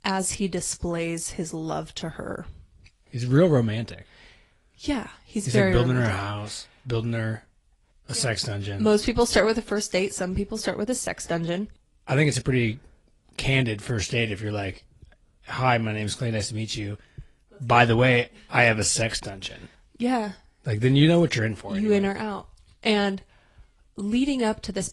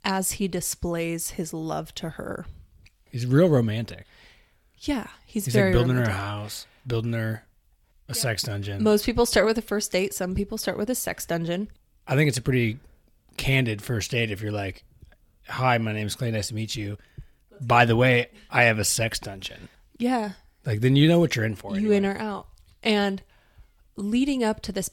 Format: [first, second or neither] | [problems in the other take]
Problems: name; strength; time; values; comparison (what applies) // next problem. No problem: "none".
second | garbled, watery; slightly; nothing above 10.5 kHz